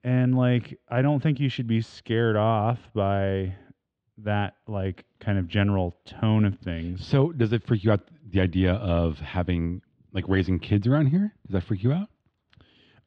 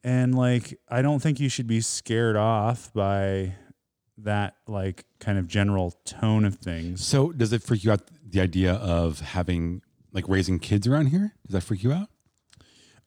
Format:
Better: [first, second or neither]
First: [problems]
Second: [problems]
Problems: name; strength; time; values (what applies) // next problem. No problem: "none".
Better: second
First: muffled; very; fading above 3 kHz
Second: none